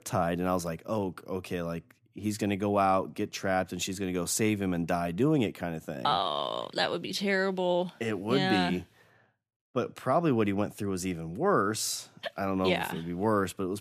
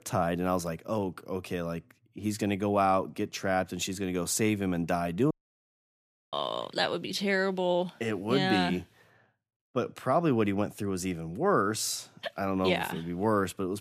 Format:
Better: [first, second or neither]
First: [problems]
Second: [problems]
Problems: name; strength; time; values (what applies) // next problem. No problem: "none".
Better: first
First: none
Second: audio cutting out; at 5.5 s for 1 s